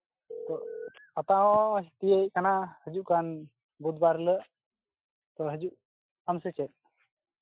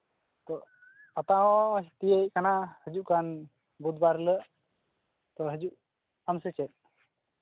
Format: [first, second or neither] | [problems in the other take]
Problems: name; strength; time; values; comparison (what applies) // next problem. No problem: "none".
second | noise reduction (classical method Wiener filter)